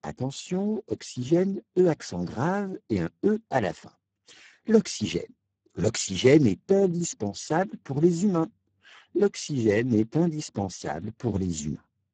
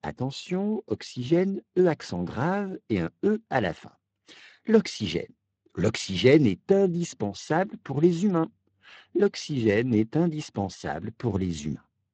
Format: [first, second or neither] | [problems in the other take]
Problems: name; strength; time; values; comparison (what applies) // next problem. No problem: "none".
second | garbled, watery; badly; nothing above 7.5 kHz; slightly in the second